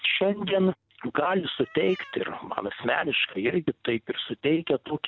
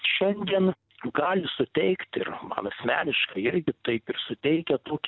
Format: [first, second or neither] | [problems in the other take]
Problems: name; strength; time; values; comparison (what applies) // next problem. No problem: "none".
second | background sound (Cat); 20 dB below the speech